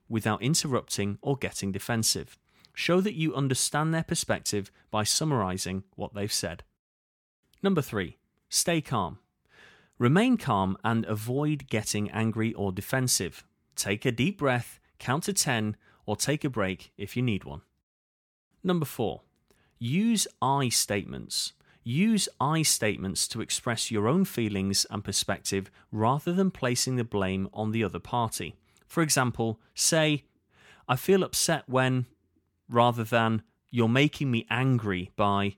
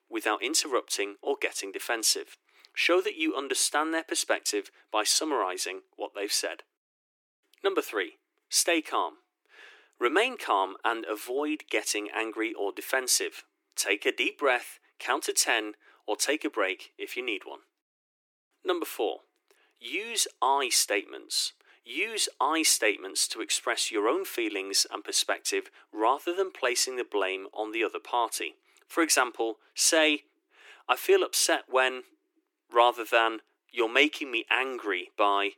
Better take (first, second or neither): first